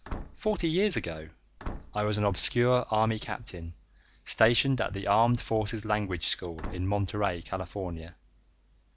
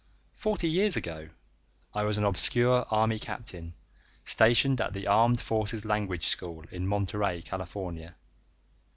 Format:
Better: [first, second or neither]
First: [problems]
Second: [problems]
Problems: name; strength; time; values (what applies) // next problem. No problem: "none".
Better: second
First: background sound (Slam / Wood); 13 dB below the speech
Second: none